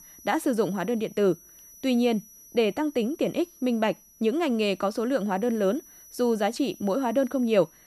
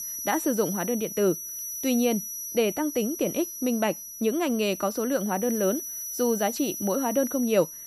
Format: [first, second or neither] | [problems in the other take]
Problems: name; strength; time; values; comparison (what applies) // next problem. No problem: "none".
first | high-pitched whine; loud; throughout; 6 kHz, 6 dB below the speech; faint in the first